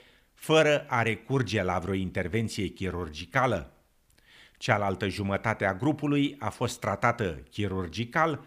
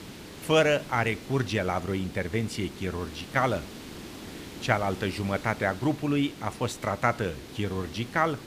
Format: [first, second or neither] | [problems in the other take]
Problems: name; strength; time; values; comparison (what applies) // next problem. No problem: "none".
first | hiss; noticeable; throughout; 15 dB below the speech